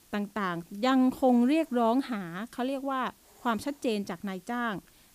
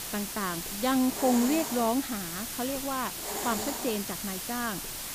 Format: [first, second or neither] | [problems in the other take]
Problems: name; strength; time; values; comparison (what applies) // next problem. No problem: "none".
first | hiss; loud; throughout; 3 dB below the speech; faint in the first